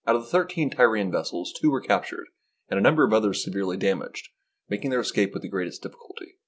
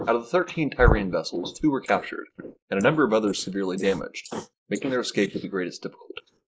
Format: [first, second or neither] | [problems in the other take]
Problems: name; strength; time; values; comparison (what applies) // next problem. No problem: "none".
first | noise reduction (neural mask model Resemble Enhance denoiser)